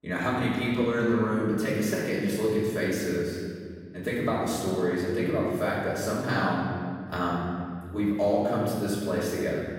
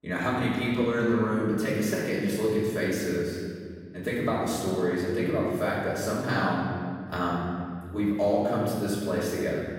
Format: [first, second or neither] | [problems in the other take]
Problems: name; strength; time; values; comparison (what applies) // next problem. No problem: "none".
neither | room echo; strong; dies away in 2 s; the same in both // off-mic speech; far; the same in both